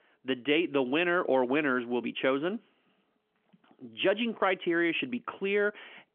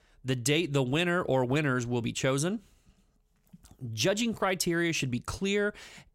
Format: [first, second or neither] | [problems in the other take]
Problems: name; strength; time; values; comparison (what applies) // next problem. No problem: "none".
second | phone-call audio; nothing above 3.5 kHz